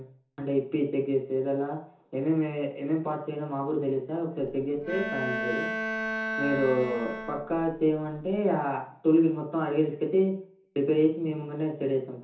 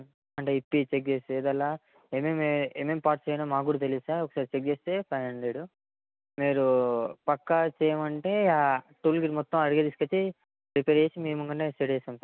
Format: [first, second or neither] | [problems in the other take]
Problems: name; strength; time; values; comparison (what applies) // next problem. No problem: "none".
second | background sound (Bowed string instrument); 6 dB below the speech // room echo; dies away in 0.6 s